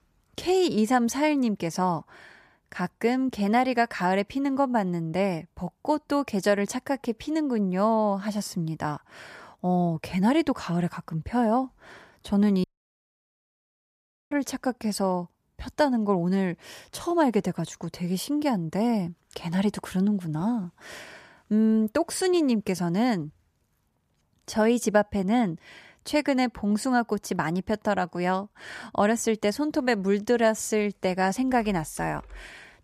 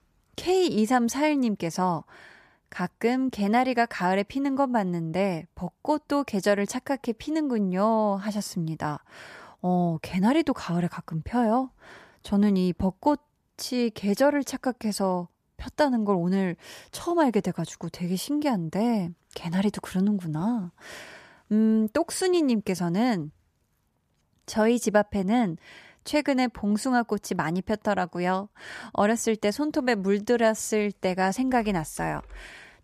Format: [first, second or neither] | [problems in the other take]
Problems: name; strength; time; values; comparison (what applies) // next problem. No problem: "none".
second | audio cutting out; at 13 s for 1.5 s